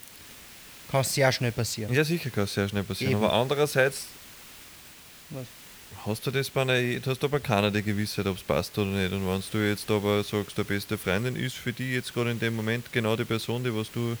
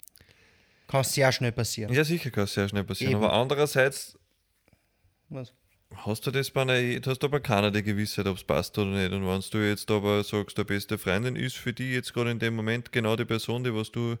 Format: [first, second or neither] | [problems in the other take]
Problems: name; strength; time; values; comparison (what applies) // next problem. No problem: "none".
second | hiss; noticeable; throughout; 20 dB below the speech